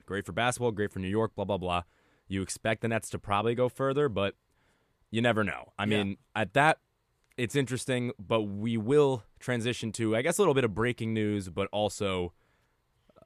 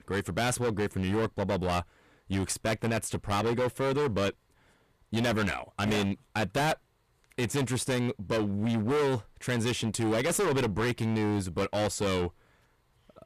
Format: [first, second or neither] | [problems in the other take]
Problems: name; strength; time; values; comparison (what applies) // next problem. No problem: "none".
first | distortion; heavy; 21% of the sound clipped